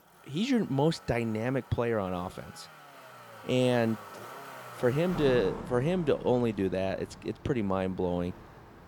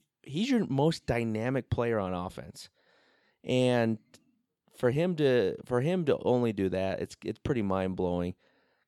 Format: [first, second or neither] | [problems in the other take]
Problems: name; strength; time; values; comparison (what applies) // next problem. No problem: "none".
second | traffic noise; noticeable; throughout; 15 dB below the speech